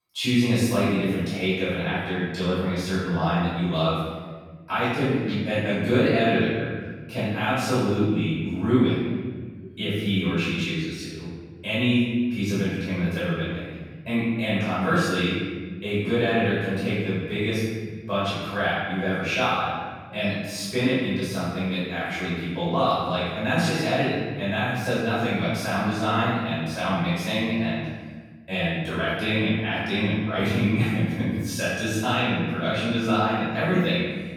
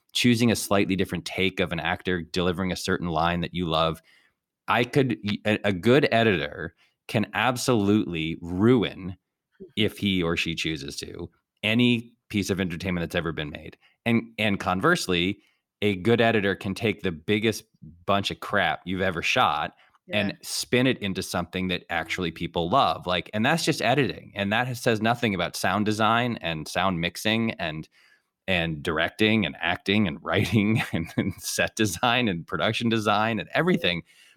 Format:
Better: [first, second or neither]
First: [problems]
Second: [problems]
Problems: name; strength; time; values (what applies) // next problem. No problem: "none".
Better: second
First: room echo; strong; dies away in 1.5 s // off-mic speech; far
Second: none